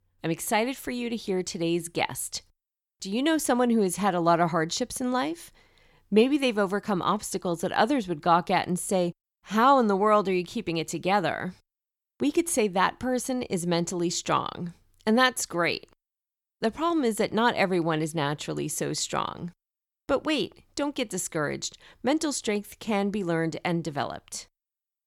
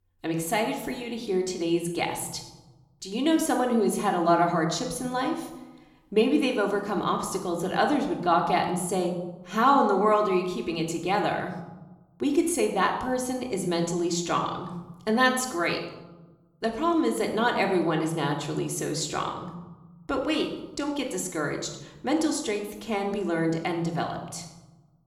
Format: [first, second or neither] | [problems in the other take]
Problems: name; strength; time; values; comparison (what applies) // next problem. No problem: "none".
first | room echo; slight; dies away in 0.8 s // off-mic speech; somewhat distant